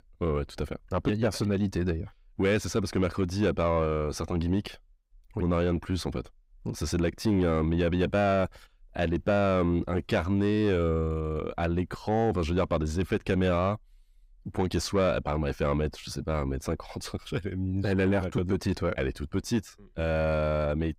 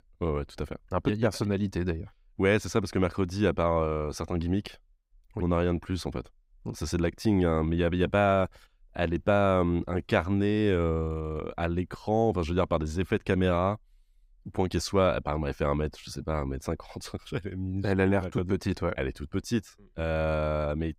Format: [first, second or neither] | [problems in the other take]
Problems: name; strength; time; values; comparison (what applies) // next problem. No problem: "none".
second | distortion; slight; 10 dB below the speech